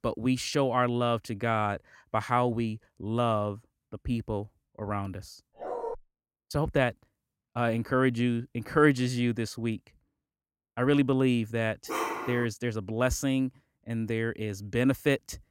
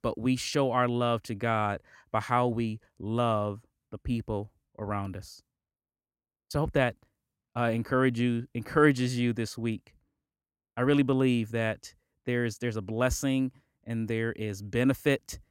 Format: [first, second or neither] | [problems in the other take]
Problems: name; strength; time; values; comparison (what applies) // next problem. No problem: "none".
second | dog barking; noticeable; at 5.5 s and at 12 s; peak 3 dB below the speech